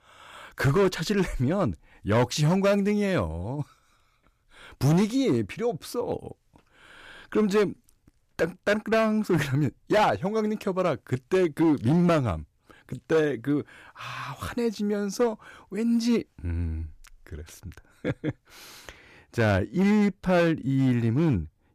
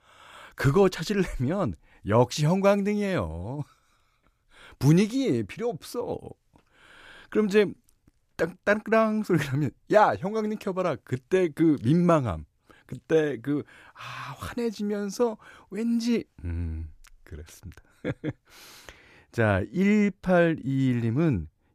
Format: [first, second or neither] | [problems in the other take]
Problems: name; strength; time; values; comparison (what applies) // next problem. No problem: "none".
second | distortion; slight; 5% of the sound clipped